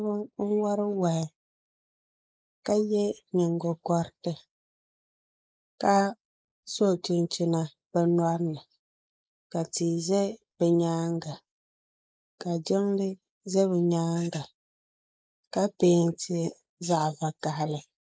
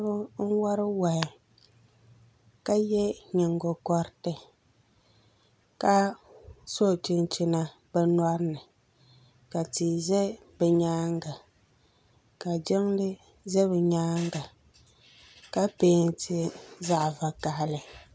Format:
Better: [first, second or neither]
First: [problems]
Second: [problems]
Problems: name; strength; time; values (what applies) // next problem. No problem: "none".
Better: second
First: noise reduction (neural mask model Resemble Enhance denoiser)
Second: none